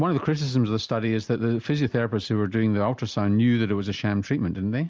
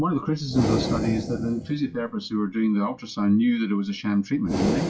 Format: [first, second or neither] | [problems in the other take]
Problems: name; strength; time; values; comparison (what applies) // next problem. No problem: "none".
first | noise reduction (classical method WPE with log-MMSE)